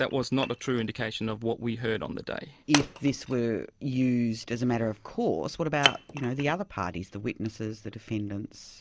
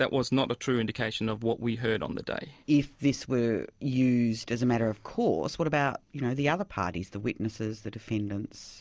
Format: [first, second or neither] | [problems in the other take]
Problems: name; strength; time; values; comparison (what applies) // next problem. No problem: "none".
second | background sound (Wood); 7 dB below the speech